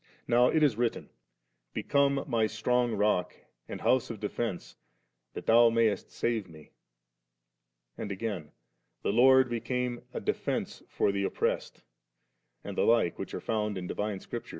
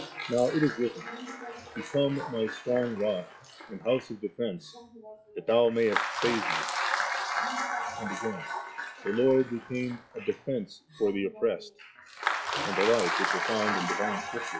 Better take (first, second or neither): first